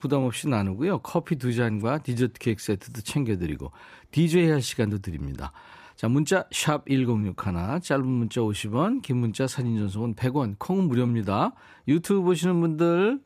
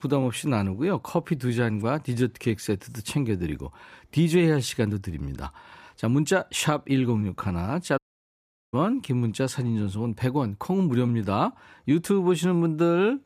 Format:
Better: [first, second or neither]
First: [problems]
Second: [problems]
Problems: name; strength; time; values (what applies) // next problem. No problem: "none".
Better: first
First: none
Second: audio cutting out; at 8 s for 1 s